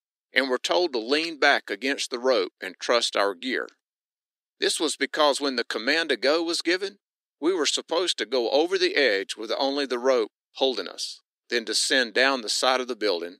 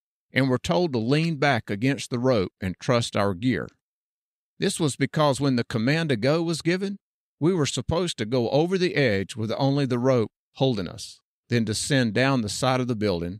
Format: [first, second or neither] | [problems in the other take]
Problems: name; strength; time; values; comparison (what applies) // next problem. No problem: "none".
second | thin; somewhat; fading below 300 Hz